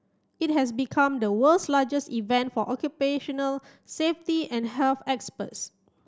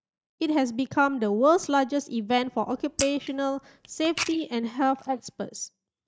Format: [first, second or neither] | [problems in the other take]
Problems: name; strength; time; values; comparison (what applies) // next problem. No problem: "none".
first | noise reduction (neural mask model DeepFilterNet 3)